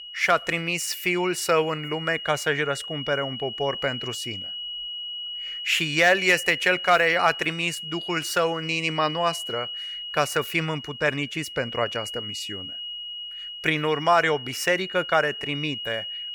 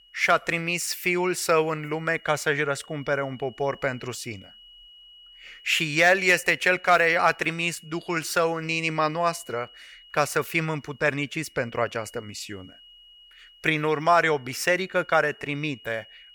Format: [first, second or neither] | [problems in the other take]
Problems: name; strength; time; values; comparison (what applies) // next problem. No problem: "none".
second | high-pitched whine; loud; throughout; 3 kHz, 8 dB below the speech; faint in the second